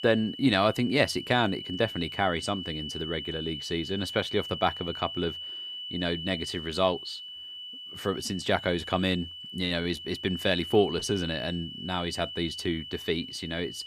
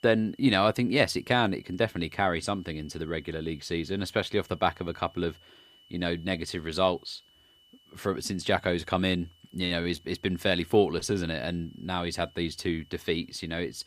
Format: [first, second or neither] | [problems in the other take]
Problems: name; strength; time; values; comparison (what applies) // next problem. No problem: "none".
second | high-pitched whine; loud; throughout; 3 kHz, 8 dB below the speech; faint in the second